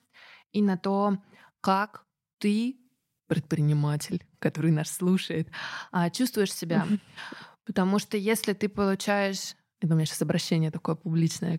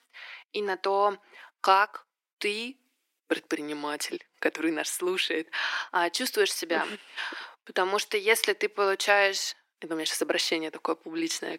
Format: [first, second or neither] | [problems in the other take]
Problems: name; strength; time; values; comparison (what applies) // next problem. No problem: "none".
first | thin; very; fading below 300 Hz